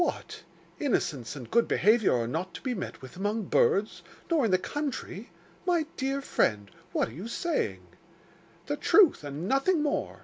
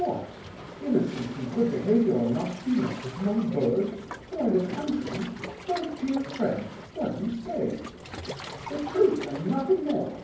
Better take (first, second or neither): first